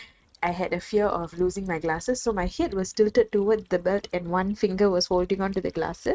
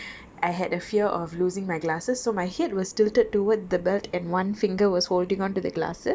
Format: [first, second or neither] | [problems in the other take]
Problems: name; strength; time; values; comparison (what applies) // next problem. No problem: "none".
second | noise reduction (neural mask model RNNoise)